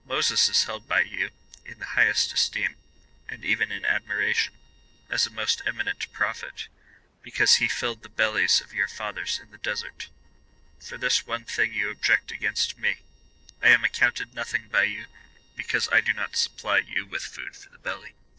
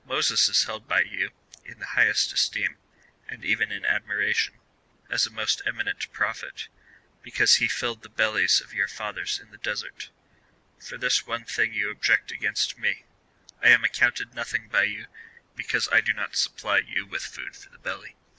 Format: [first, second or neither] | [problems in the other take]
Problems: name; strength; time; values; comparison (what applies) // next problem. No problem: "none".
second | noise reduction (neural separator model SepFormer DNS4)